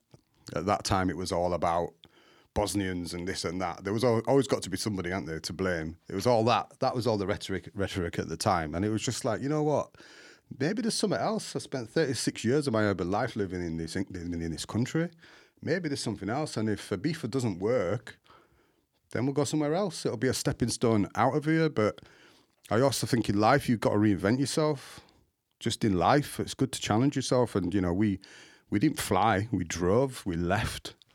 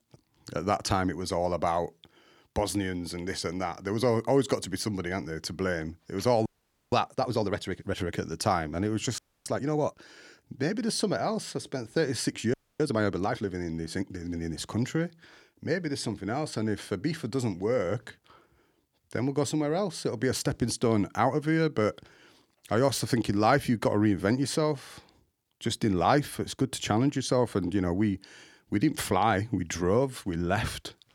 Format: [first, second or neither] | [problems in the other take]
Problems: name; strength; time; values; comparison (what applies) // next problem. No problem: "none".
first | audio freezing; at 6.5 s, at 9 s and at 13 s